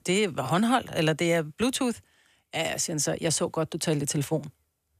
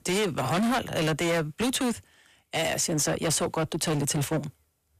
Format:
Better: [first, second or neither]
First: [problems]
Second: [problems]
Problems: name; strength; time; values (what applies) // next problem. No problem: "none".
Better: first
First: none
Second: distortion; heavy; 21% of the sound clipped